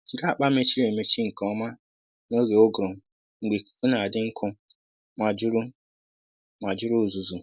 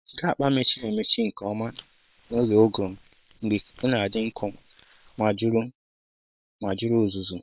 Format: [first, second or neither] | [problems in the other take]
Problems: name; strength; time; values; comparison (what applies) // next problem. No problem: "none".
first | noise reduction (neural separator model SepFormer WHAM!)